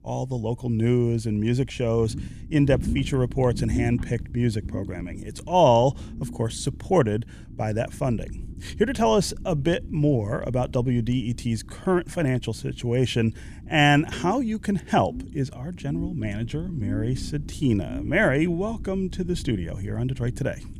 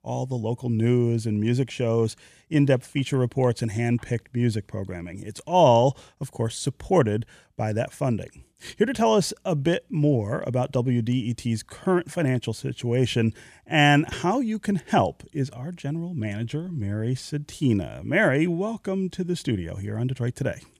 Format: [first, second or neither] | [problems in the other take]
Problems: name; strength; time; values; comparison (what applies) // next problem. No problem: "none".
second | low rumble; noticeable; throughout; 20 dB below the speech